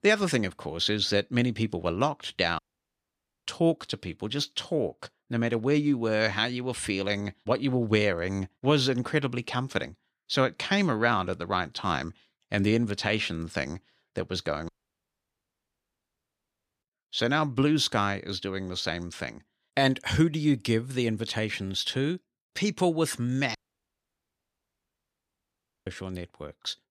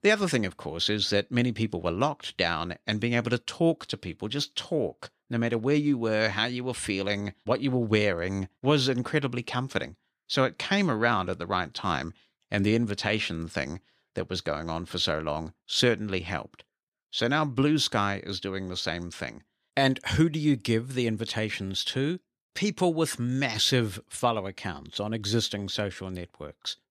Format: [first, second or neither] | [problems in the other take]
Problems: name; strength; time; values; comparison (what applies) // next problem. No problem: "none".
second | audio cutting out; at 2.5 s for 1 s, at 15 s for 2 s and at 24 s for 2.5 s